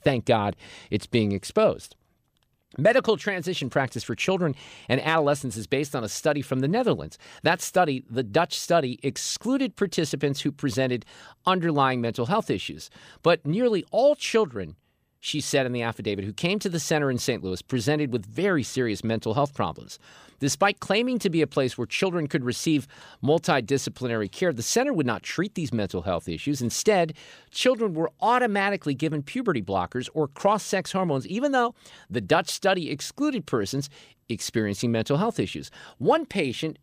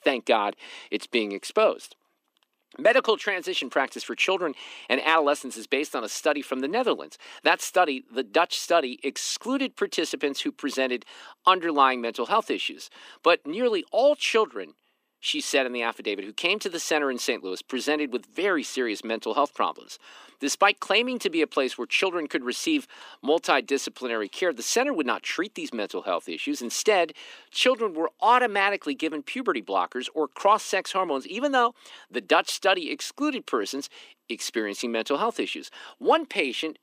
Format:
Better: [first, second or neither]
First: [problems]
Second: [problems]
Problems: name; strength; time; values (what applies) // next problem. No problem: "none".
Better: first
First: none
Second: thin; very slightly; fading below 250 Hz